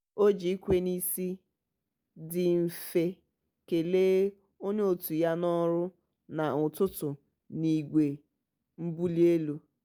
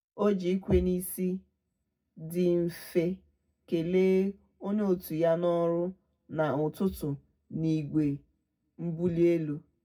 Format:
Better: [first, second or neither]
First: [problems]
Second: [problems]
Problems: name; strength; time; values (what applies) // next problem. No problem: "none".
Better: first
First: none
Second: room echo; dies away in 0.3 s